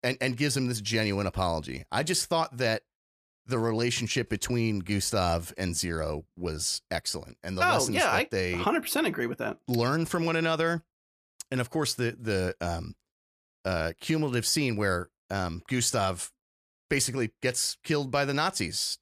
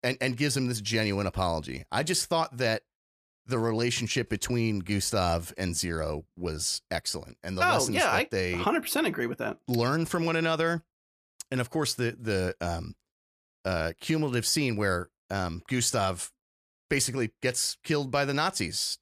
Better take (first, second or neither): neither